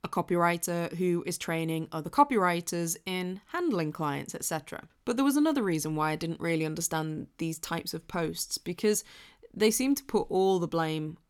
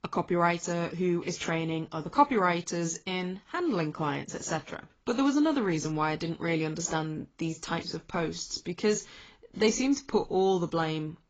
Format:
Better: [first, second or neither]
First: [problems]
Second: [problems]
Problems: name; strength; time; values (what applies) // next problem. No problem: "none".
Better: first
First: none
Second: garbled, watery; badly